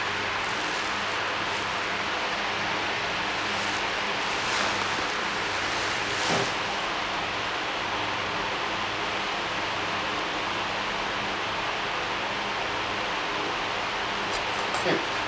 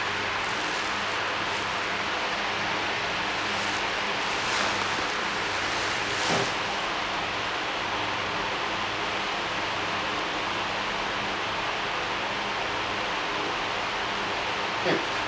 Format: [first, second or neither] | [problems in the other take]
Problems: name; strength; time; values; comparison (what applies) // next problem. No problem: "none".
second | background sound (Cutlery, silverware); 10 dB below the speech